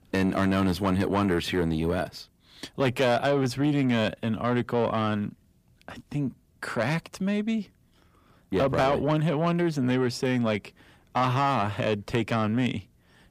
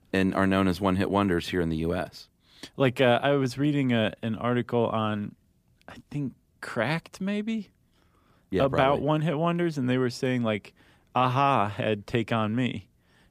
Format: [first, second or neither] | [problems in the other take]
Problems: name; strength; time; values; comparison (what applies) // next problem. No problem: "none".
second | distortion; slight; 10 dB below the speech